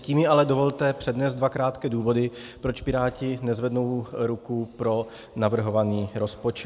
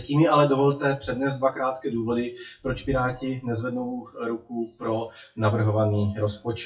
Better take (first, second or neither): first